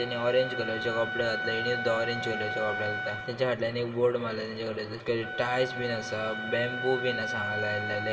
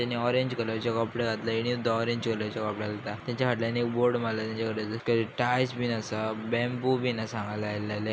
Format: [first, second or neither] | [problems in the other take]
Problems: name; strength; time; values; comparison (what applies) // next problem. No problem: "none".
second | background sound (Wind instrument, woodwind instrument); 5 dB below the speech // room echo; dies away in 2.3 s